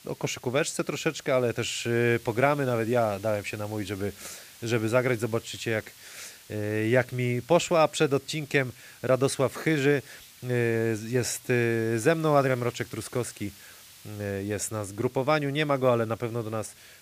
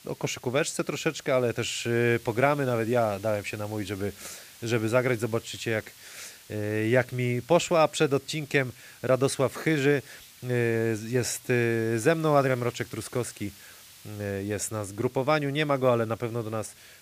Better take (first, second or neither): neither